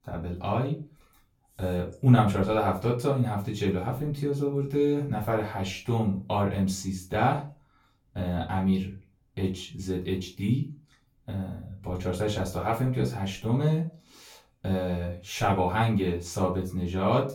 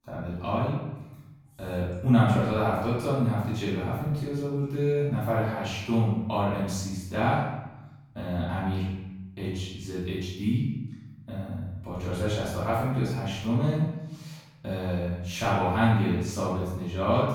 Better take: first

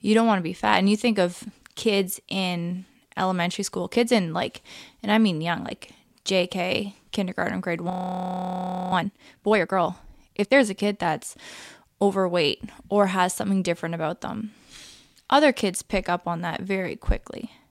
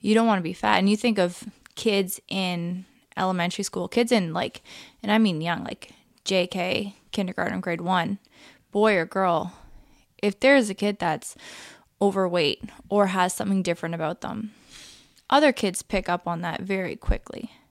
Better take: second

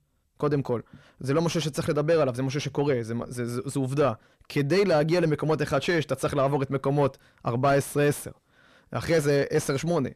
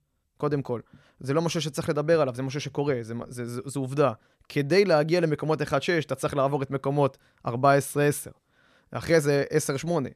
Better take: second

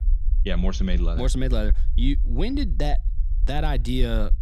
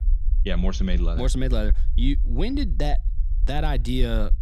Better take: neither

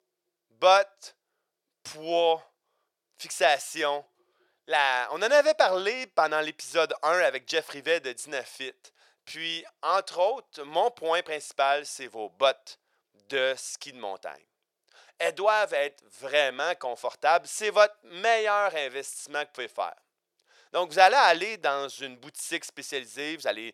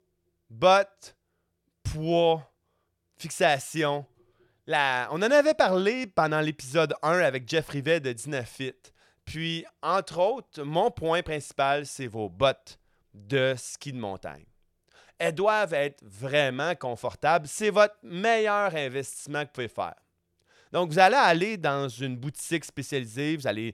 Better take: second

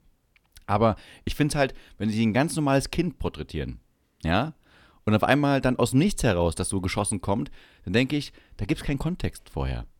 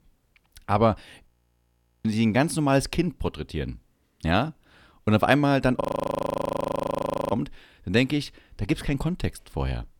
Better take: first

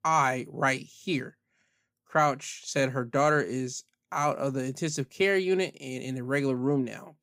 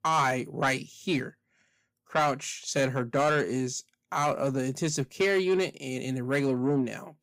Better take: first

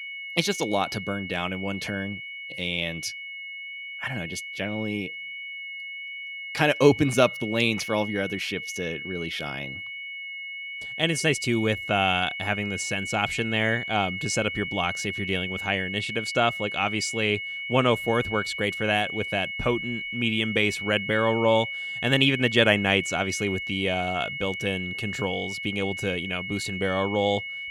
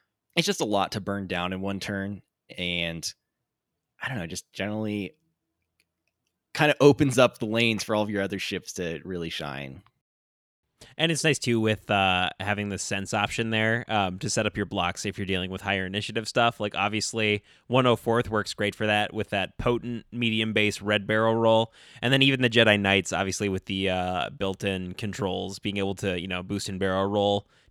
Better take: second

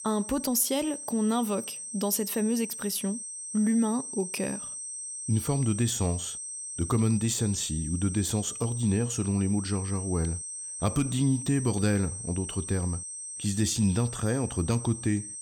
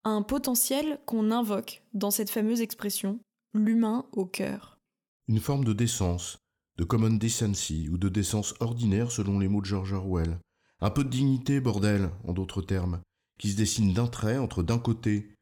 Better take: second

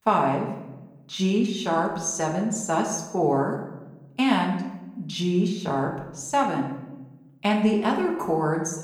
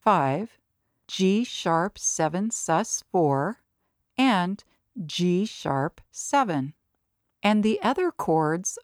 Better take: second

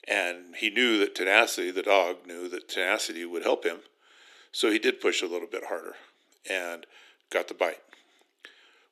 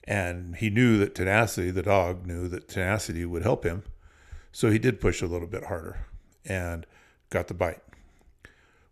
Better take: second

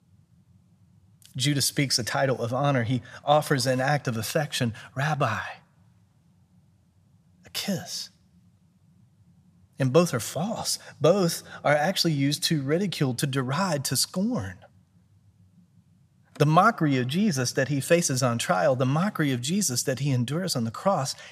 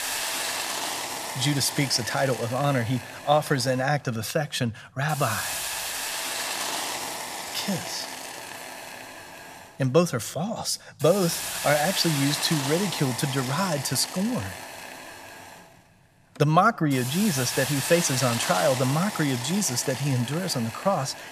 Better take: first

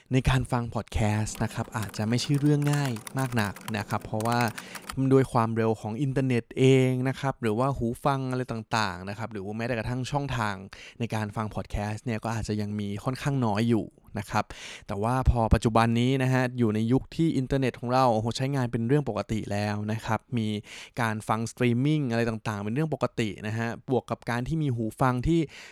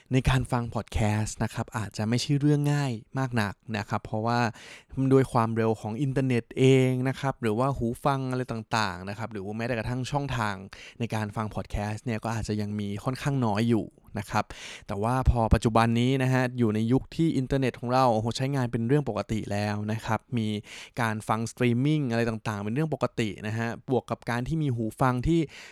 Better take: second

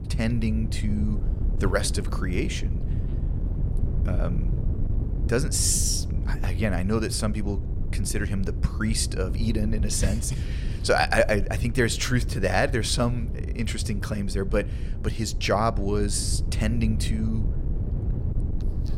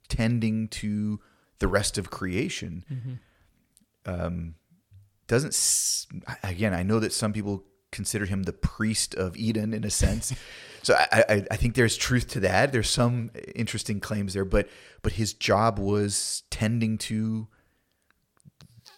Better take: second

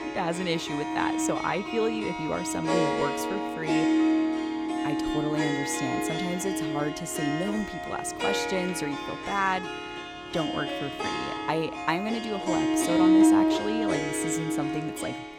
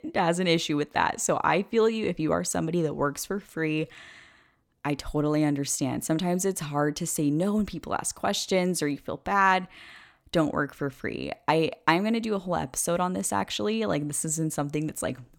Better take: second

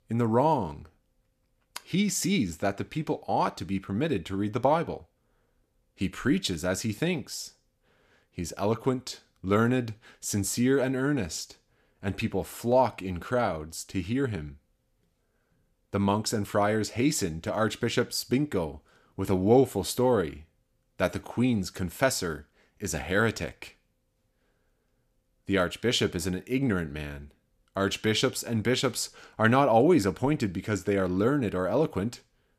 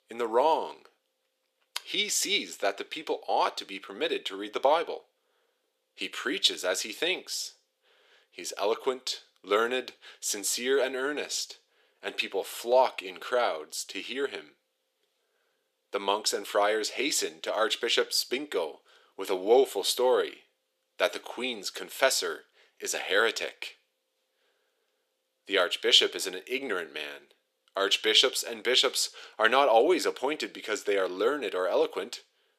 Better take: first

